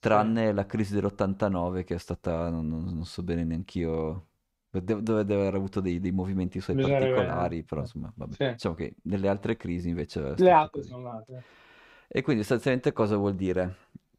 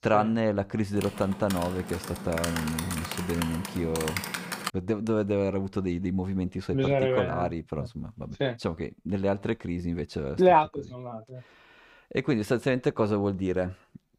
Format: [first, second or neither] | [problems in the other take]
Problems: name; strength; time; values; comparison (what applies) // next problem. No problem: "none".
first | keyboard typing; noticeable; from 1 to 4.5 s; peak 3 dB below the speech